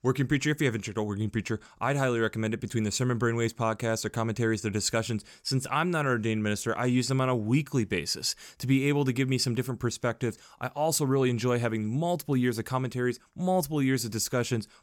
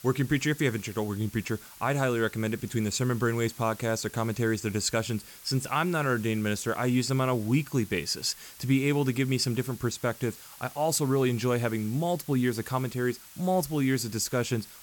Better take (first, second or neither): first